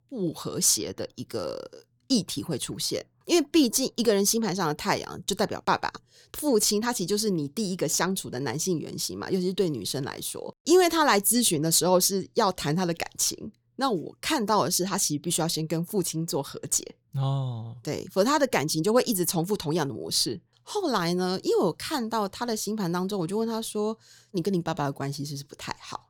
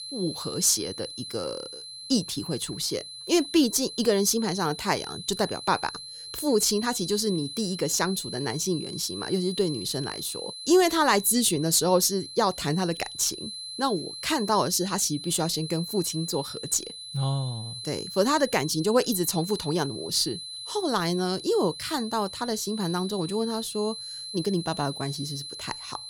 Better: first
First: none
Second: high-pitched whine; loud; throughout; 4 kHz, 10 dB below the speech

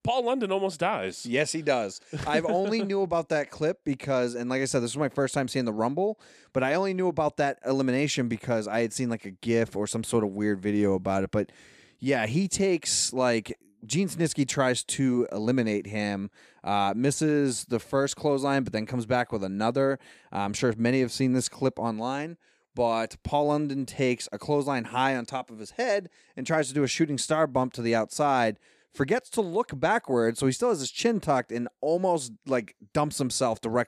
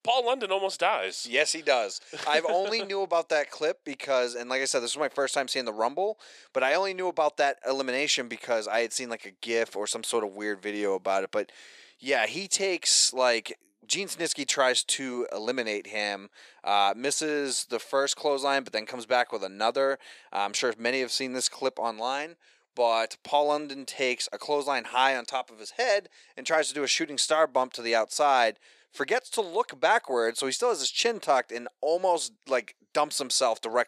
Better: first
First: none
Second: thin; somewhat; fading below 550 Hz

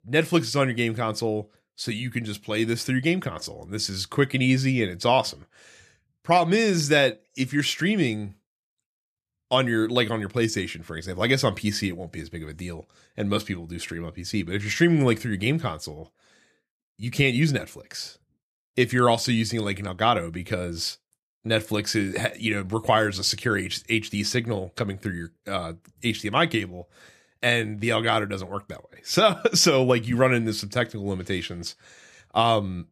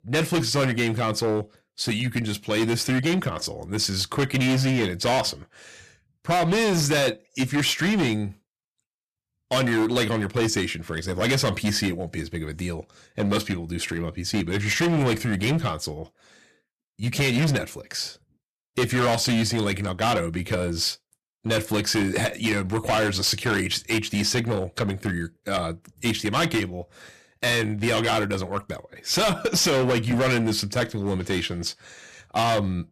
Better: first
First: none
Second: distortion; heavy; 14% of the sound clipped

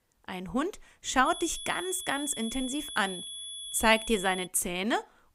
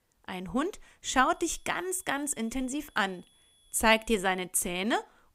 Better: second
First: high-pitched whine; loud; from 1.5 to 4.5 s; 3.5 kHz, 9 dB below the speech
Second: high-pitched whine; faint; from 1.5 to 4.5 s; 3.5 kHz, 35 dB below the speech

